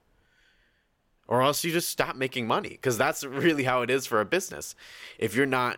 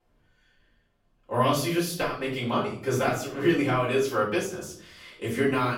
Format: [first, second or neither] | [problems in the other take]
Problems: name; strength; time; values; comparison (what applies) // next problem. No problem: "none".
first | off-mic speech; far // room echo; noticeable; dies away in 0.7 s